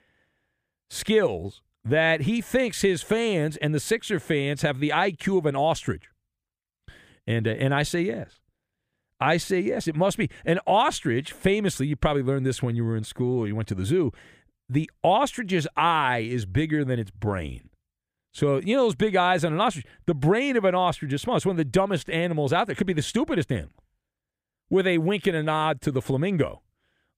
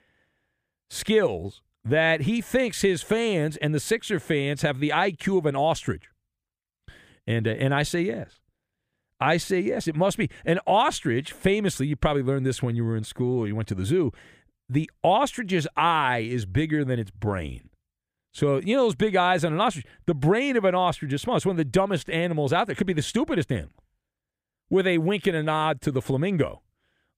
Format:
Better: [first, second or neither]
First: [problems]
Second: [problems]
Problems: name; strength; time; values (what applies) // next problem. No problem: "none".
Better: neither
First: none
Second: none